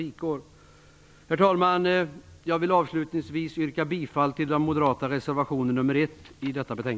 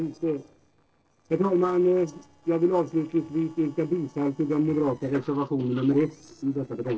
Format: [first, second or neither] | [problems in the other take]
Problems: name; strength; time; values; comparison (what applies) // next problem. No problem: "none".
first | noise reduction (neural separator model SepFormer DNS4)